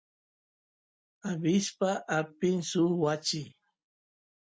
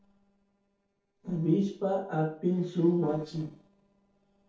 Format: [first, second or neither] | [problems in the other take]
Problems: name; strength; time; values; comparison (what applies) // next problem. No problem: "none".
first | noise reduction (neural separator model SepFormer DNS4)